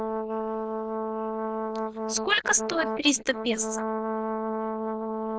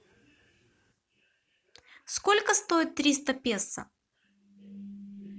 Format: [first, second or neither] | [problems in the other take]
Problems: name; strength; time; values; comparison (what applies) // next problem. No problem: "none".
second | noise reduction (neural diffusion model UNIVERSE++)